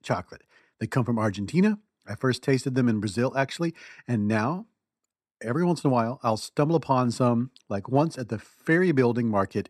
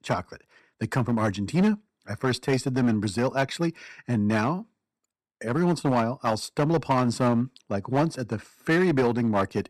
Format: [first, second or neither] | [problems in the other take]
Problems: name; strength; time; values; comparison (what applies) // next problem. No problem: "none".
first | distortion; slight; 6% of the sound clipped